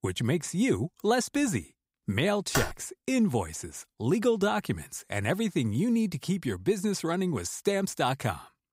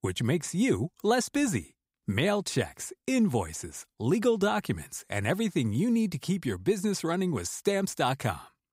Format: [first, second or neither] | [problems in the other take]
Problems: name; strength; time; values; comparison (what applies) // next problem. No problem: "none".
second | keyboard typing; noticeable; at 2.5 s; peak 3 dB below the speech